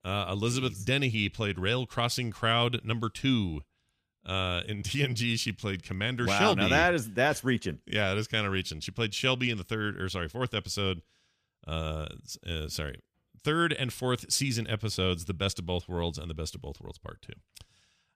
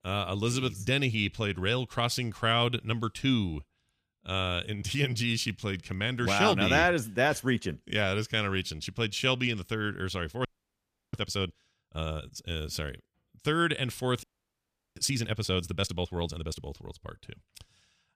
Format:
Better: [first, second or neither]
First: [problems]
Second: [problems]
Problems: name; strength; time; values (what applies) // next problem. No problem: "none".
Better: first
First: none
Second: audio freezing; at 10 s for 0.5 s and at 14 s for 0.5 s